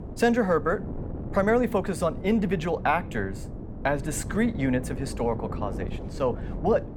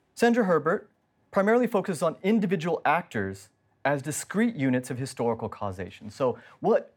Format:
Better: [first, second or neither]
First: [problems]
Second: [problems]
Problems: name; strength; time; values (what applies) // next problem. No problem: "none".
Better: second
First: wind noise on the microphone; occasional gusts; 15 dB below the speech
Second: none